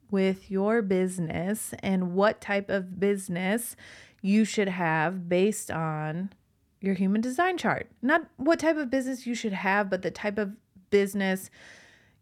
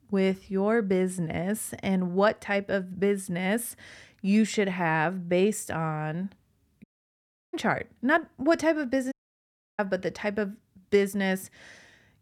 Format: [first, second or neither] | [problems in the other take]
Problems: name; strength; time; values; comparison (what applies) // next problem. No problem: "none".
first | audio cutting out; at 7 s for 0.5 s and at 9 s for 0.5 s